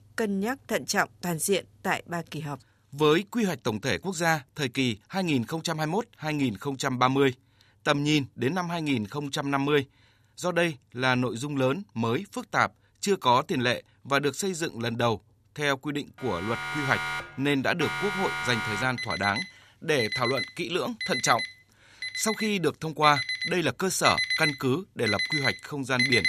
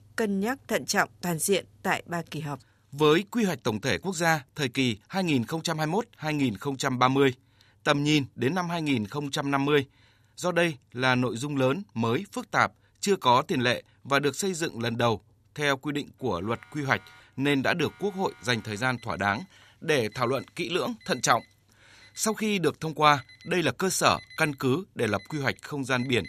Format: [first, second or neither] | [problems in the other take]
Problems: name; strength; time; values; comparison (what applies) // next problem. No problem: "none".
second | alarms or sirens; loud; from 16 s on; 3 dB below the speech; faint in the second